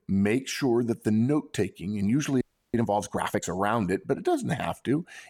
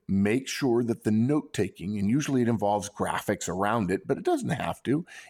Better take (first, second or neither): second